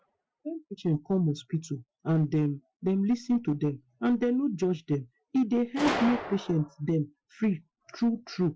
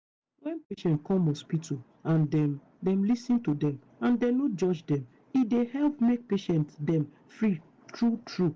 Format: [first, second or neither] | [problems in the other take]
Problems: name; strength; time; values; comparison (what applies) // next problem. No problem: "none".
second | noise reduction (classical method Wiener filter)